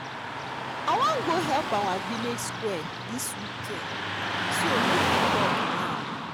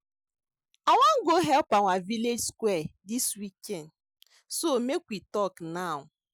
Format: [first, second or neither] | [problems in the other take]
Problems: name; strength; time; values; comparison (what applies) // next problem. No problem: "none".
second | background sound (Car passing by / Traffic noise, roadway noise); 3 dB above the speech